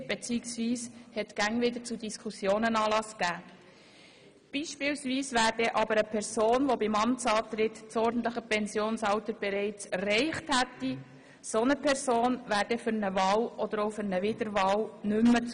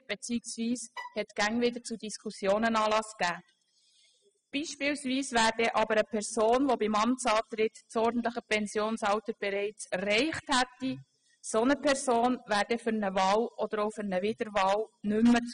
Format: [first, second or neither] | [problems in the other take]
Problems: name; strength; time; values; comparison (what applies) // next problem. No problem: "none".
first | noise reduction (classical method spectral subtraction)